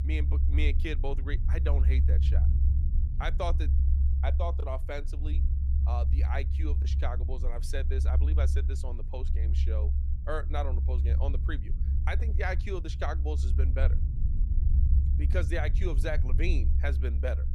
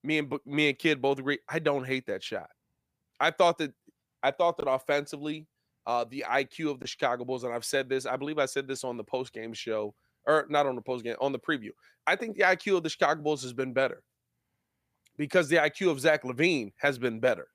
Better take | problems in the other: second | low rumble; loud; throughout; 8 dB below the speech

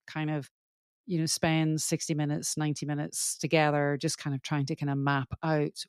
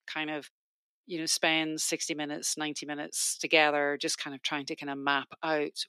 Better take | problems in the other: first | thin; somewhat; fading below 300 Hz

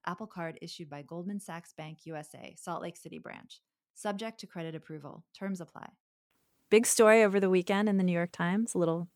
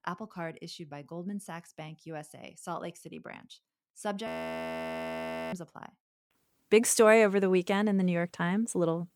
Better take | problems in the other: first | audio freezing; at 4.5 s for 1.5 s

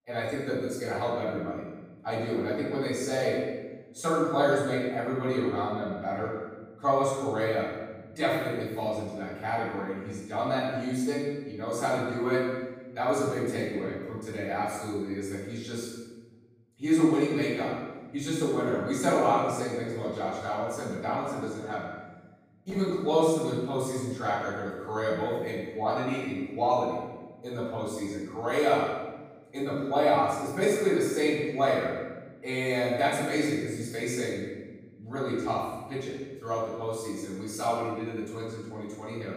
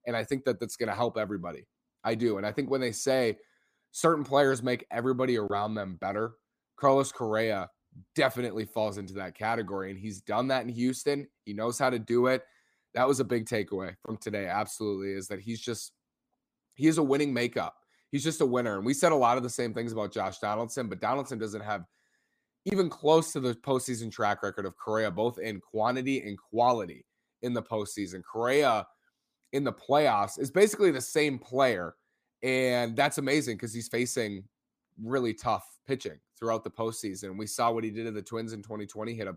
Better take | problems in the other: second | off-mic speech; far // room echo; strong; dies away in 1.1 s

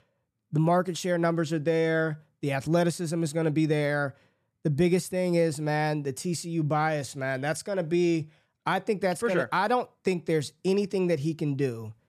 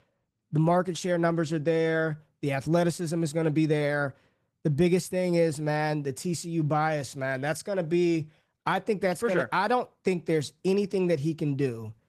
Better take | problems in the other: first | garbled, watery; slightly; nothing above 14 kHz

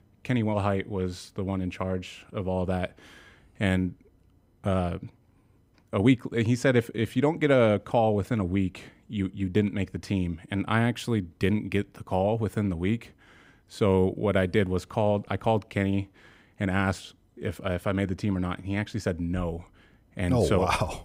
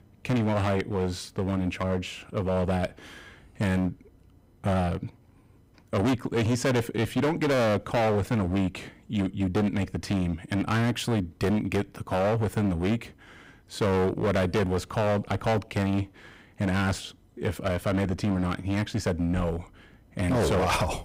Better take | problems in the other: first | distortion; heavy; 15% of the sound clipped

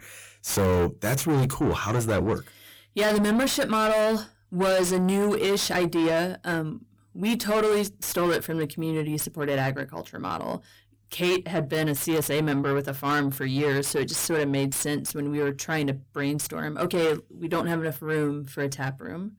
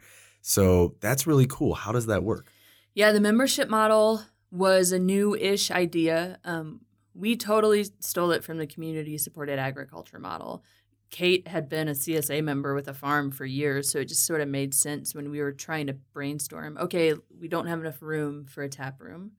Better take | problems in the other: second | distortion; heavy; 6 dB below the speech

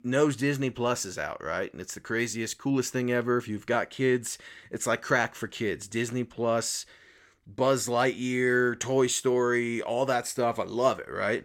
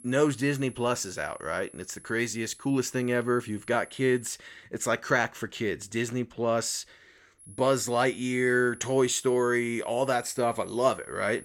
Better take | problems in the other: first | high-pitched whine; faint; until 4.5 s and from 7.5 s on; 10.5 kHz, 20 dB below the speech

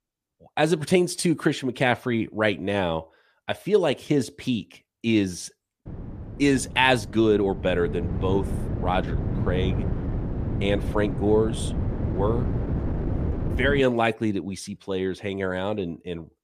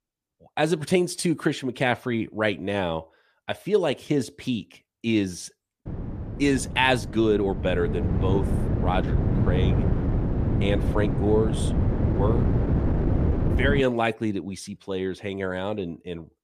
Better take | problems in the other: first | wind noise on the microphone; heavy; from 6 to 14 s; 7 dB below the speech; occasional gusts in the first

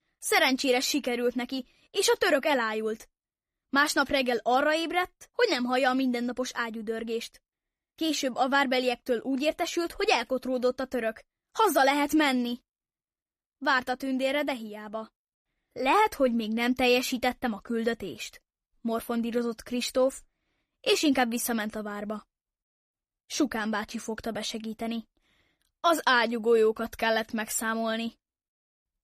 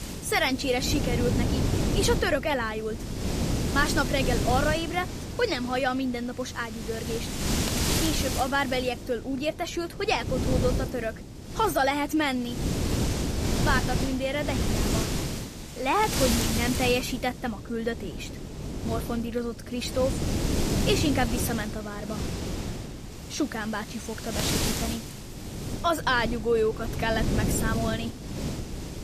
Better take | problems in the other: first | wind noise on the microphone; heavy; 6 dB below the speech

